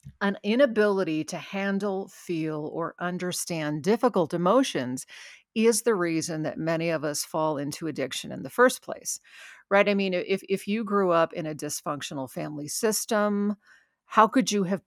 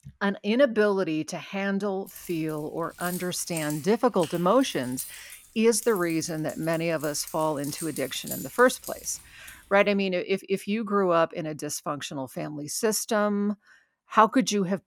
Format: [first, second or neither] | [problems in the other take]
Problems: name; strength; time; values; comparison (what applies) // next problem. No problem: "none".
first | jangling keys; noticeable; from 2 to 9.5 s; peak 9 dB below the speech